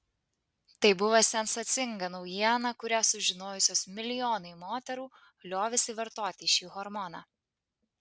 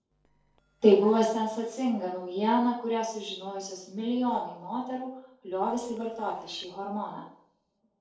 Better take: first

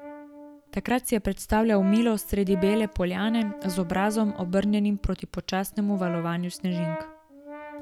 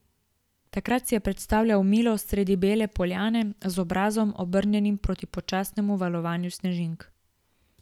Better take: second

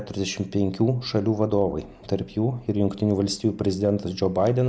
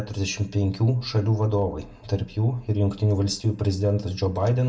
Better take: first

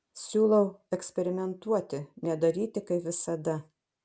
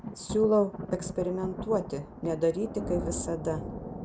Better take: first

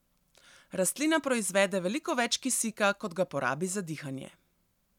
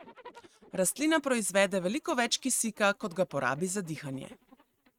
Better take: first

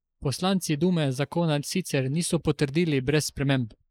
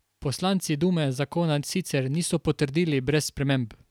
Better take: second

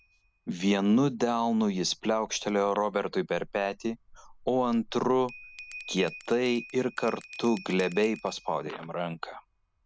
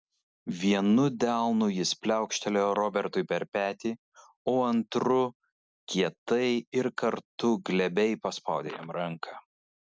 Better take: second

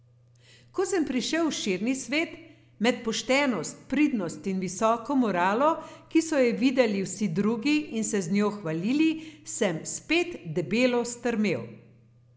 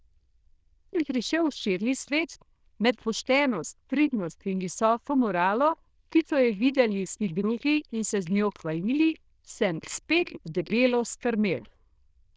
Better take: first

